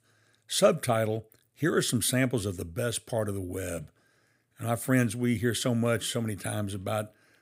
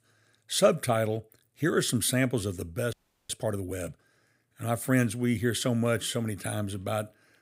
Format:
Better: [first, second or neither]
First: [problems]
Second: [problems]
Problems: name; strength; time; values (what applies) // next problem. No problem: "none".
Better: first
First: none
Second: audio freezing; at 3 s